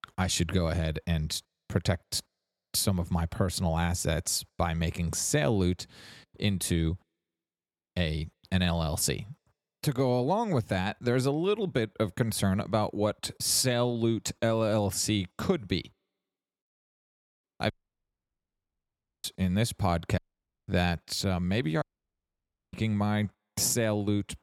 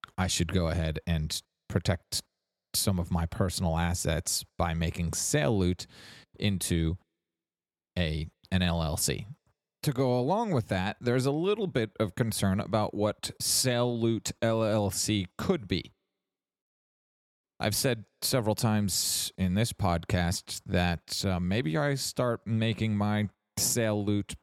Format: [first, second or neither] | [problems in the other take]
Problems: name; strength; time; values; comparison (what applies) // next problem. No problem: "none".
second | audio cutting out; at 18 s for 1.5 s, at 20 s for 0.5 s and at 22 s for 1 s